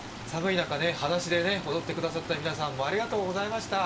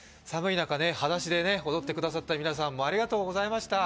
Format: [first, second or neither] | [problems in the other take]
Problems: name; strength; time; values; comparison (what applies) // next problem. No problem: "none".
second | background sound (Stream); 11 dB below the speech // room echo; dies away in 0.8 s